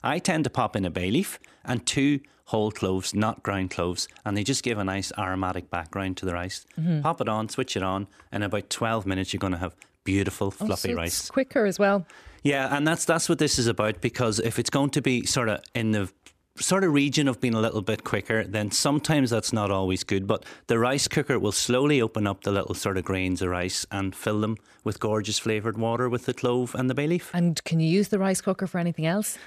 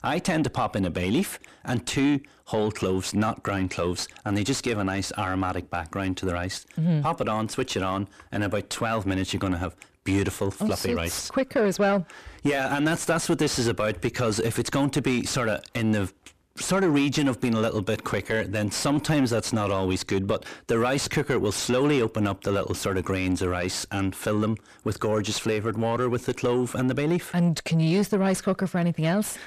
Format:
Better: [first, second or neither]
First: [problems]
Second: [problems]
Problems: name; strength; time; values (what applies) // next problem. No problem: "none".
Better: first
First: none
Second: distortion; slight; 10 dB below the speech